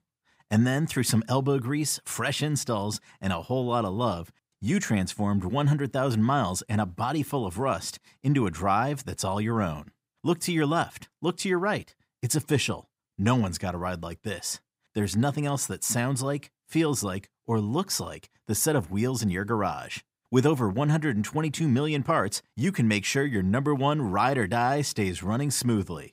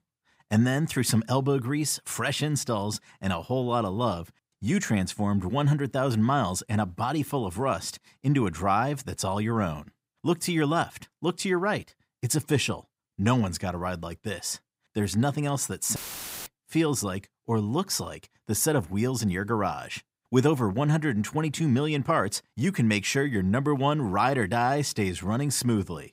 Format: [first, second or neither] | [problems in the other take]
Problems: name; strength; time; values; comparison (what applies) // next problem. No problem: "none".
first | audio cutting out; filled with static; at 16 s for 0.5 s